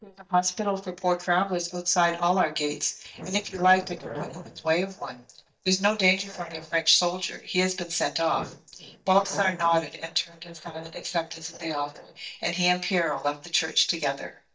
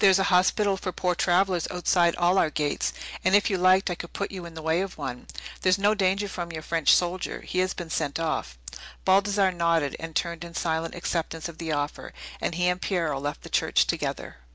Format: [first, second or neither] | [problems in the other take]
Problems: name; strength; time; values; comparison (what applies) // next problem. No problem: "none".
second | noise reduction (neural mask model DeepFilterNet 3)